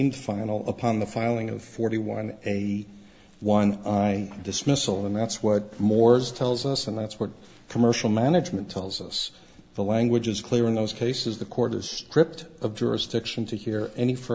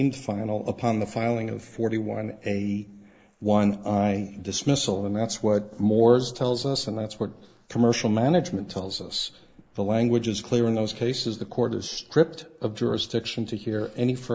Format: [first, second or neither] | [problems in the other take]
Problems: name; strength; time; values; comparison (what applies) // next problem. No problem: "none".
first | noise reduction (neural mask model Resemble Enhance denoiser)